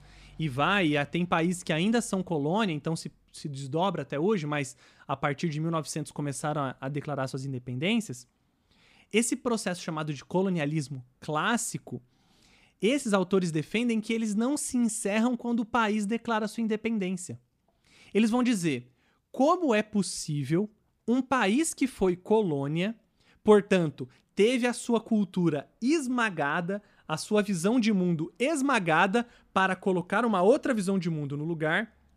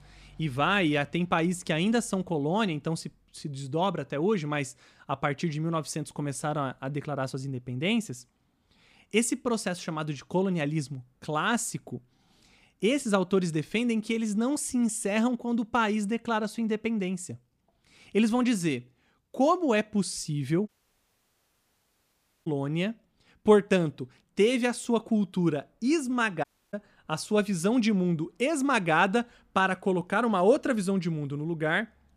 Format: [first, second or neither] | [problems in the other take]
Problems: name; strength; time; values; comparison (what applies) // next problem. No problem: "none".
first | audio cutting out; at 21 s for 2 s and at 26 s